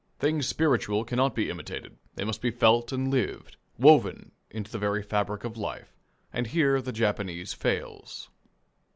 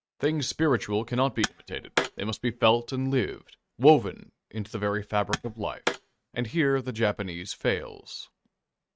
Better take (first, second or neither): first